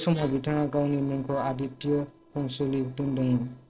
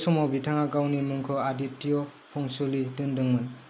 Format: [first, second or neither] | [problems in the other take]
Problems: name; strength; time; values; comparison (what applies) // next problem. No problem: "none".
second | noise reduction (neural separator model SepFormer DNS4)